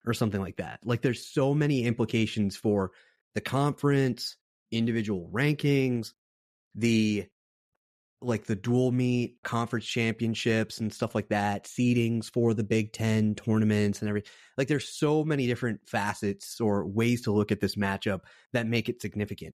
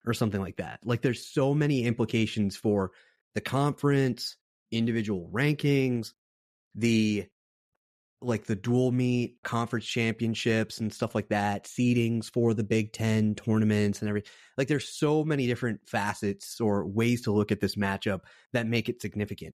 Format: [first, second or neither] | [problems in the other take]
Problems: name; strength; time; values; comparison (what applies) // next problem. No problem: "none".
neither | none